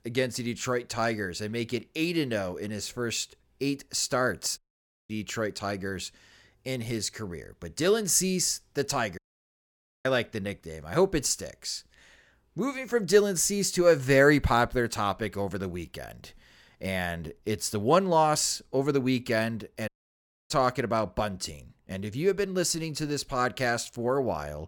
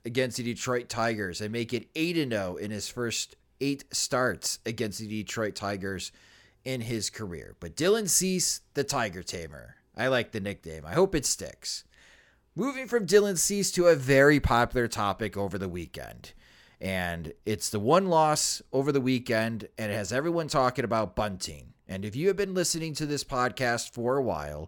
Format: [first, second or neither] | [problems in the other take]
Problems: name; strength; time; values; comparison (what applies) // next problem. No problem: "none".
second | audio cutting out; at 4.5 s for 0.5 s, at 9 s for 1 s and at 20 s for 0.5 s